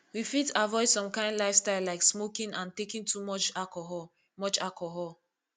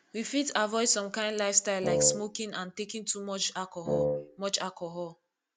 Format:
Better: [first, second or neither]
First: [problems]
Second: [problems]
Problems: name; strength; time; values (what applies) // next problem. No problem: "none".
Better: first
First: none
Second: background sound (Wind instrument, woodwind instrument); 1 dB above the speech